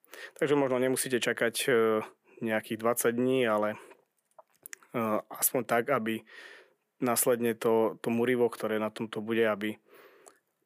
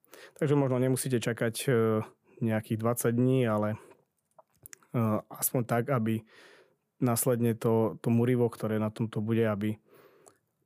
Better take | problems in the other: second | thin; somewhat; fading below 300 Hz

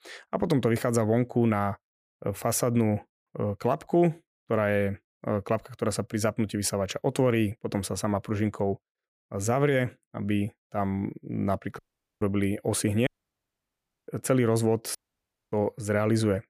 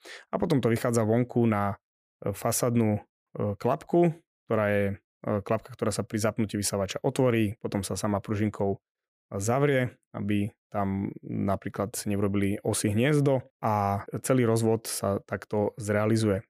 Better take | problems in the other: second | audio cutting out; at 12 s, at 13 s for 1 s and at 15 s for 0.5 s

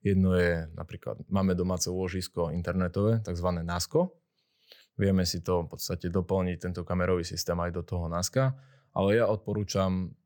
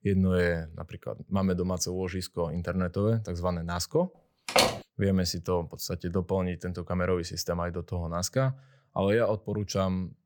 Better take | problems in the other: first | door banging; loud; at 4.5 s; peak 6 dB above the speech

